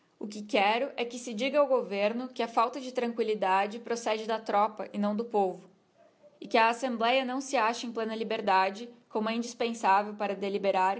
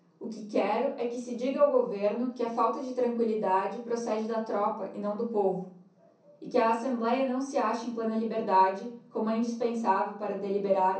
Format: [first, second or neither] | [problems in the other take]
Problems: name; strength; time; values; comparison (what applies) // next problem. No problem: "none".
first | room echo; dies away in 0.6 s